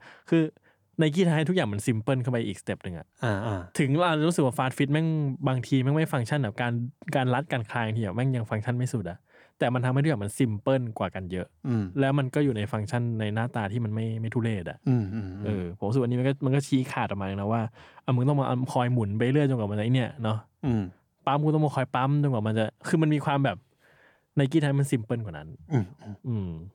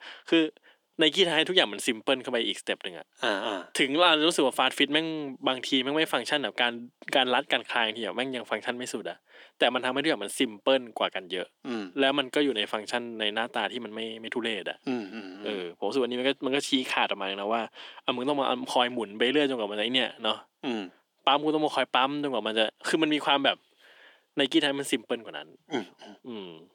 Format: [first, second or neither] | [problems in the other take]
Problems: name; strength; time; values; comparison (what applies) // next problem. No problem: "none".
first | thin; somewhat; fading below 300 Hz